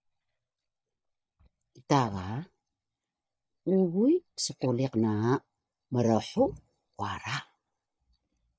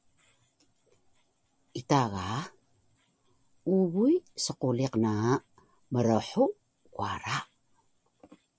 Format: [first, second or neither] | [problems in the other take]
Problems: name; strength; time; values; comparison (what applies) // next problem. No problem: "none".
second | noise reduction (neural mask model DeepFilterNet 3)